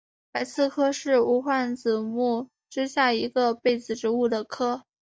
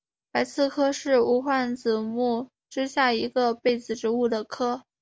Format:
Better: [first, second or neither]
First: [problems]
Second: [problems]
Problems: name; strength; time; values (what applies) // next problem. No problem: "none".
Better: second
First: noise reduction (neural mask model DeepFilterNet 3)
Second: none